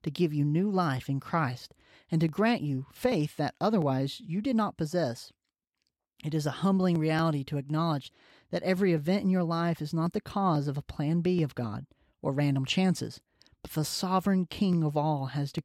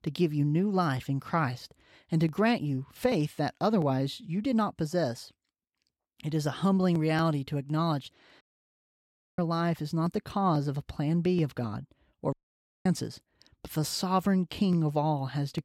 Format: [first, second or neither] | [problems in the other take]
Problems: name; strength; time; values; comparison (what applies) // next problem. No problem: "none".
first | audio cutting out; at 8.5 s for 1 s and at 12 s for 0.5 s